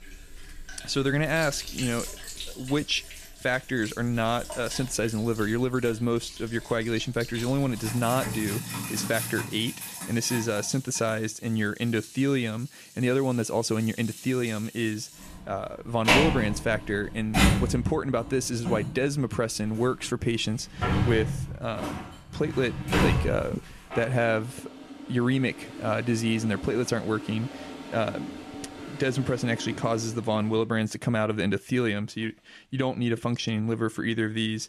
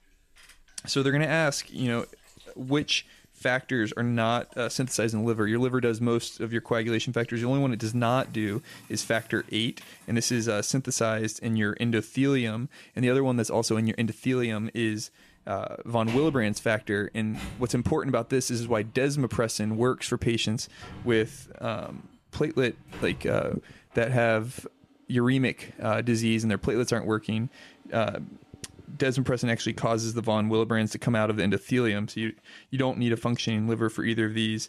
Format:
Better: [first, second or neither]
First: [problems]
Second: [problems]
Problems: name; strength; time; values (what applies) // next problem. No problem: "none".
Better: second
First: household noises; loud; throughout; 4 dB below the speech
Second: household noises; faint; throughout; 25 dB below the speech